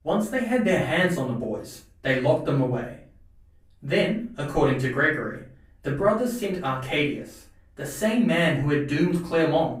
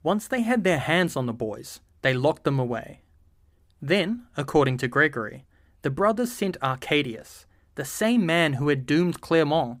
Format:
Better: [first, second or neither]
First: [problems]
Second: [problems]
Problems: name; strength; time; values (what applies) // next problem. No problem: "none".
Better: second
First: off-mic speech; far // room echo; slight; dies away in 0.4 s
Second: none